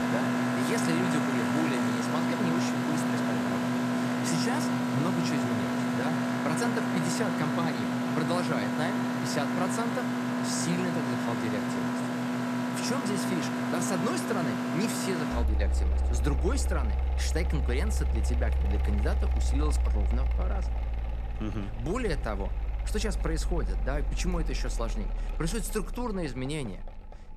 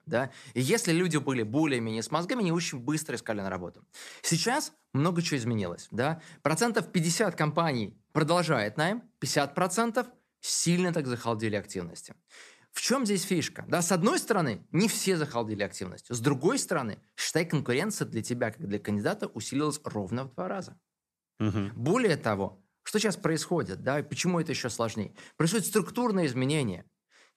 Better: second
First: machinery noise; very loud; throughout; 5 dB above the speech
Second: none

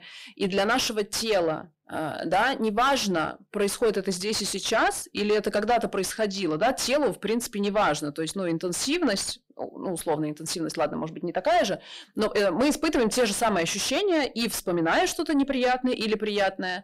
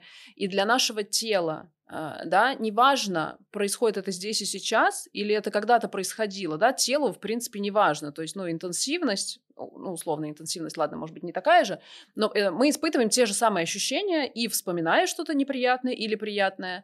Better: second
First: distortion; heavy; 6 dB below the speech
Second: none

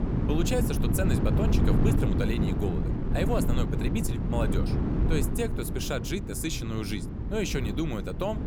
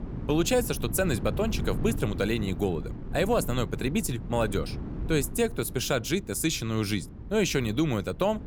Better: second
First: wind noise on the microphone; heavy; 3 dB below the speech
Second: wind noise on the microphone; occasional gusts; 15 dB below the speech

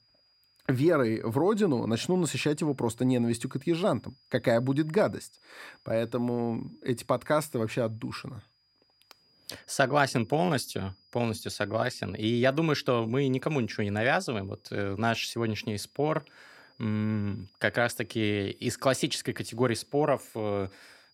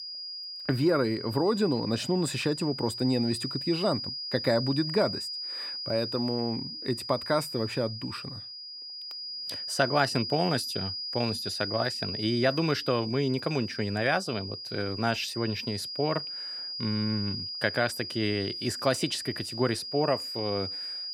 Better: first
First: high-pitched whine; faint; throughout; 5 kHz, 35 dB below the speech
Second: high-pitched whine; loud; throughout; 5 kHz, 5 dB below the speech

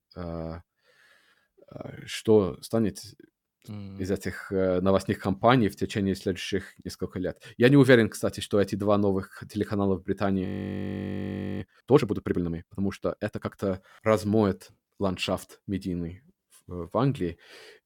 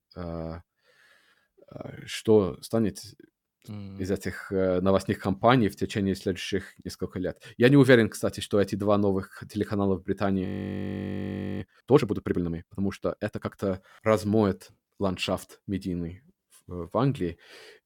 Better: neither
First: audio freezing; at 10 s for 1 s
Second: audio freezing; at 10 s for 1 s

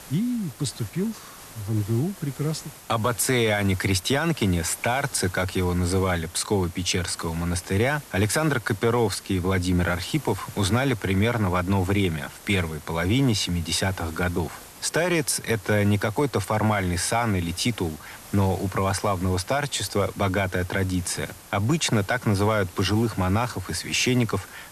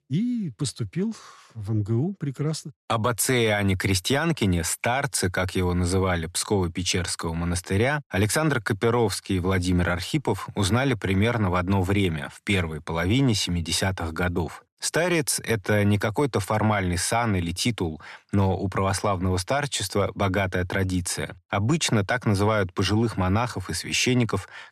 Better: second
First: hiss; noticeable; throughout; 20 dB below the speech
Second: none

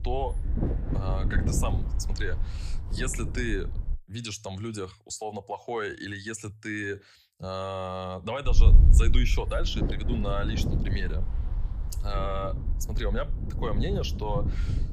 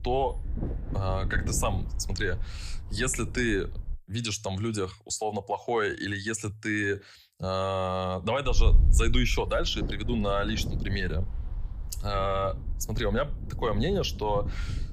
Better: second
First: wind noise on the microphone; heavy; until 4 s and from 8.5 s on; 9 dB below the speech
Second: wind noise on the microphone; occasional gusts; until 4 s and from 8.5 s on; 20 dB below the speech

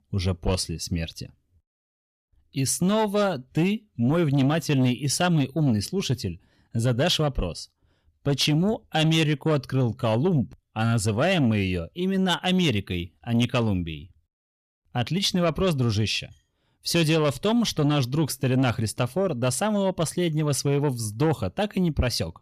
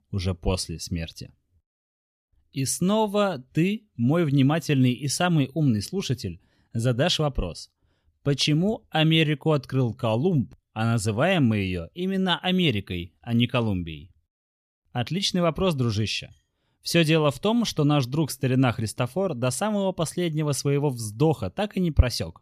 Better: second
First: distortion; slight; 10 dB below the speech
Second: none

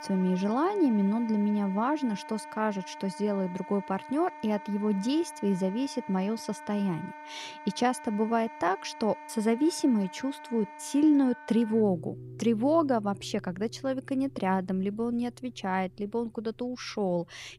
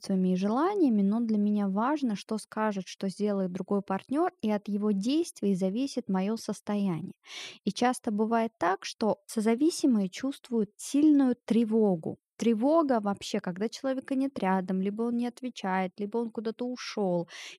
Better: second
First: background music; noticeable; throughout; 15 dB below the speech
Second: none

